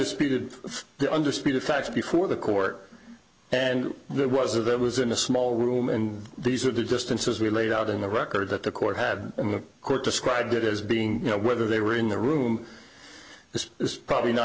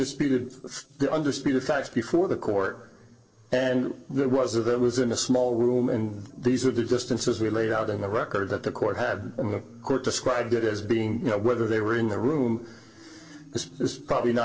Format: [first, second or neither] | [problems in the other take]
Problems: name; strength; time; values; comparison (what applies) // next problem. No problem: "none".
first | noise reduction (neural separator model SepFormer DNS4)